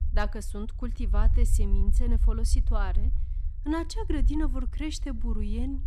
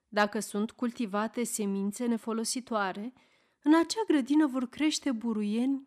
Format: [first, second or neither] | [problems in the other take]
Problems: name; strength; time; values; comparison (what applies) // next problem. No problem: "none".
second | low rumble; noticeable; throughout; 15 dB below the speech